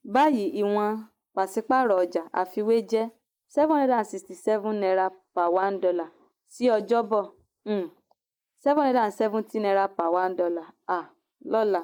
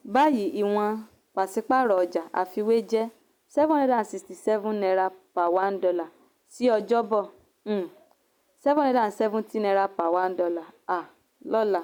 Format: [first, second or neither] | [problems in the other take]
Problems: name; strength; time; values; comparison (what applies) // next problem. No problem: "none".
second | noise reduction (neural mask model Resemble Enhance denoiser)